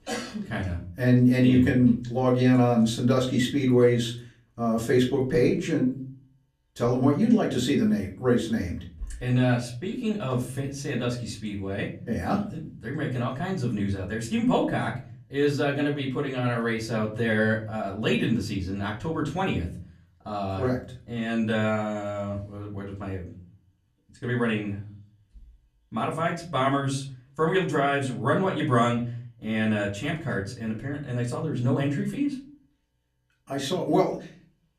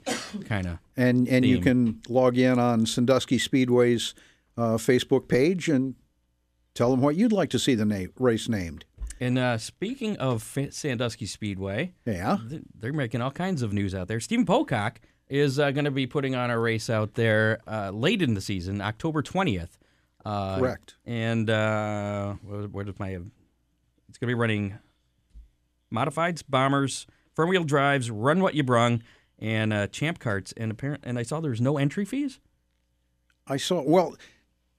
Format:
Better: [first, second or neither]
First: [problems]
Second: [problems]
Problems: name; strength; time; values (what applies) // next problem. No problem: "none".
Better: second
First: off-mic speech; far // room echo; very slight; dies away in 0.4 s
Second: none